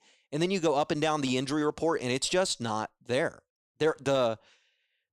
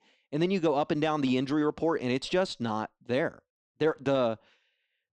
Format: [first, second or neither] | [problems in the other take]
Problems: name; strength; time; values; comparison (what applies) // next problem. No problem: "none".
first | muffled; very slightly; fading above 3.5 kHz